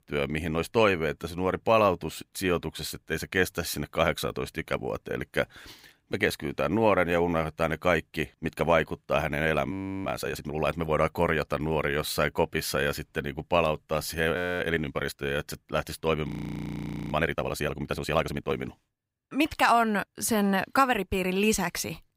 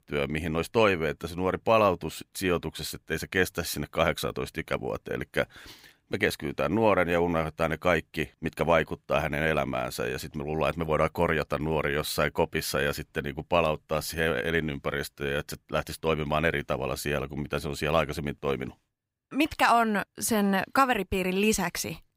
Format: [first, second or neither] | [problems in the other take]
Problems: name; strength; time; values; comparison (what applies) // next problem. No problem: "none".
second | audio freezing; at 9.5 s, at 14 s and at 16 s for 1 s